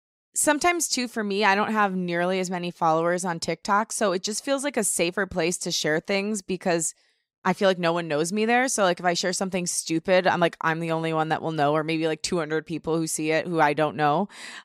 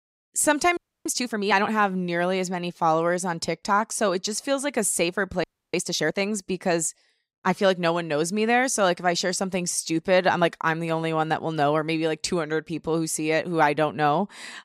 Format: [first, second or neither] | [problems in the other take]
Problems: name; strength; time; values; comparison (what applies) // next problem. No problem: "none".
first | audio freezing; at 1 s and at 5.5 s